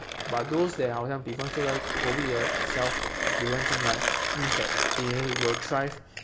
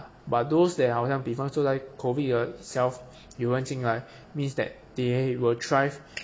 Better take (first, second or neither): second